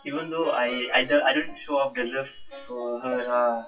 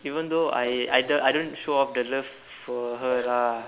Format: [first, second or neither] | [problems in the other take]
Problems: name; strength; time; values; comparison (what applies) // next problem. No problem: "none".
second | noise reduction (classical method WPE with log-MMSE)